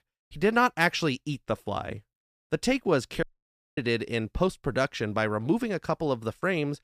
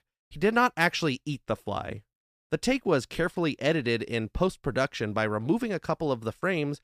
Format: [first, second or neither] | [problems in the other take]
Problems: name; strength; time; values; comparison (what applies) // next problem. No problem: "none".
second | audio cutting out; at 3 s for 0.5 s